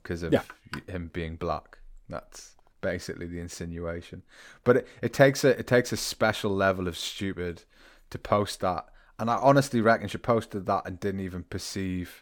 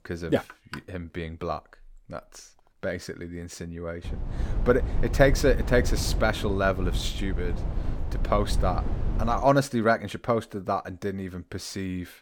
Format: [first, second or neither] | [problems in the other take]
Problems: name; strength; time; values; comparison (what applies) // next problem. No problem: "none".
first | low rumble; noticeable; from 4 to 9.5 s; 15 dB below the speech